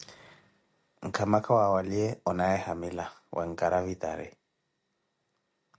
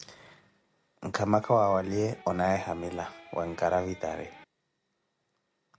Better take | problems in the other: first | background sound (Electric guitar); 19 dB below the speech

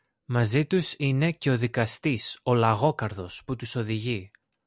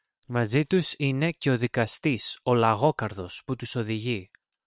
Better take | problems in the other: first | noise reduction (neural separator model SepFormer WHAM!)

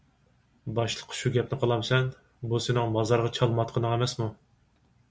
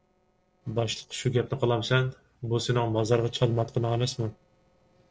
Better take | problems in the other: first | noise reduction (neural separator model SepFormer DNS4)

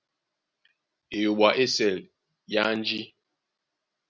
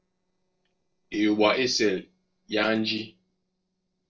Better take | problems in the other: first | noise reduction (neural separator model SepFormer DNS4)

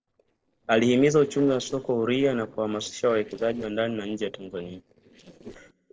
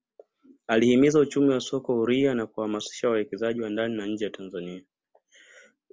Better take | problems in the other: second | noise reduction (neural separator model SepFormer DNS4)

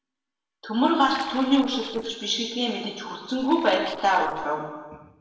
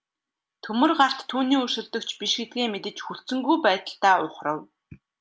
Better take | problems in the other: second | noise reduction (neural separator model SepFormer DNS4)

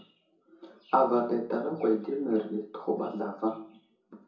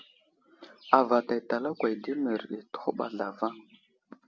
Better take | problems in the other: second | room echo; dies away in 0.6 s

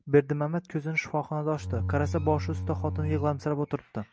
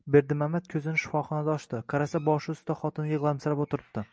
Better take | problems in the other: second | background sound (Bowed string instrument); 4 dB below the speech

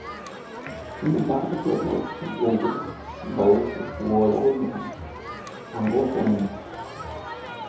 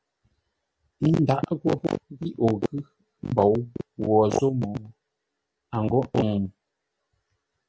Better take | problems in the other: second | background sound (Crowd); 10 dB below the speech // room echo; dies away in 2.7 s

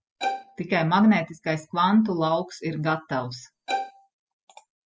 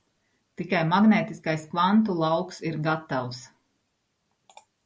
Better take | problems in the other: second | noise reduction (classical method spectral subtraction)

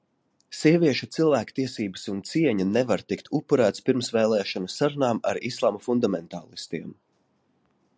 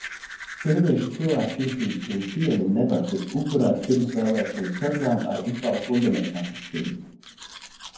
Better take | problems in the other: first | background sound (Domestic sounds, home sounds); 15 dB below the speech // room echo; dies away in 0.9 s

